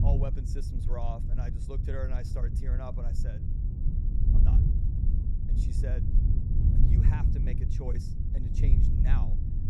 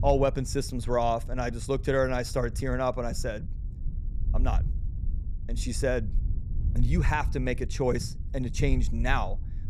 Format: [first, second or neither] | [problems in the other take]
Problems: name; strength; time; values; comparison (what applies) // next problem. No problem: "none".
second | low rumble; loud; throughout; as loud as the speech; faint in the second